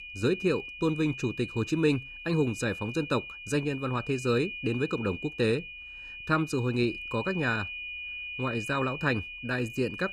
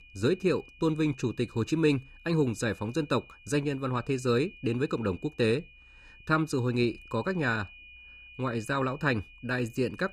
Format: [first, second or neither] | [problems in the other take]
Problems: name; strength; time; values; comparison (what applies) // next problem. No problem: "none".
second | high-pitched whine; loud; throughout; 2.5 kHz, 9 dB below the speech; faint in the second